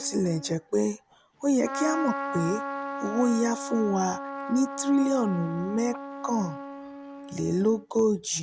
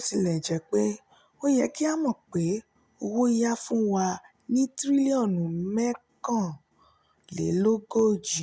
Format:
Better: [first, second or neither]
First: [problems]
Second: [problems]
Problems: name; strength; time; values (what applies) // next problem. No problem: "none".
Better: second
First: background sound (Trumpet); 9 dB below the speech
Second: none